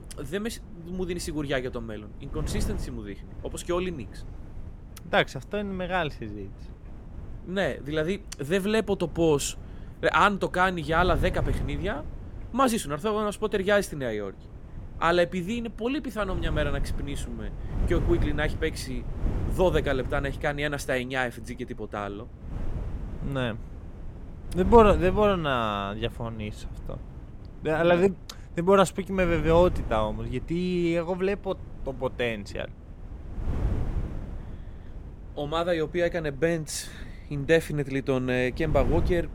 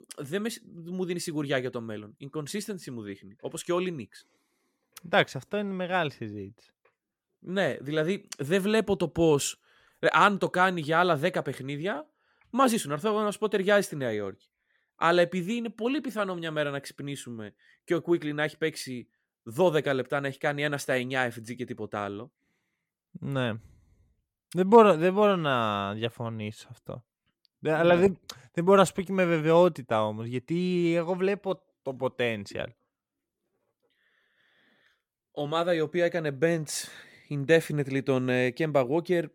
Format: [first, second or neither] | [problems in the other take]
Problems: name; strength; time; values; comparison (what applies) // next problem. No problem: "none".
second | wind noise on the microphone; occasional gusts; 20 dB below the speech